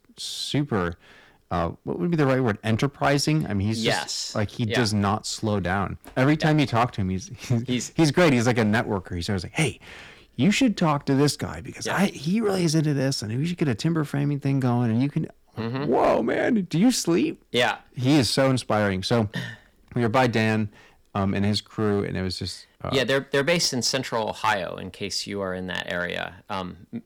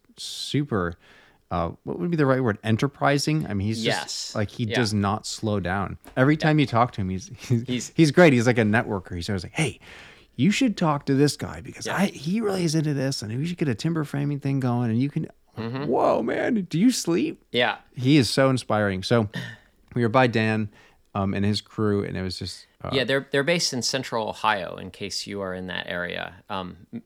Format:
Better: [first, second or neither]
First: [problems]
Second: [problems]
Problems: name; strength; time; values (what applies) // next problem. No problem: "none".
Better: second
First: distortion; slight; 4% of the sound clipped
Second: none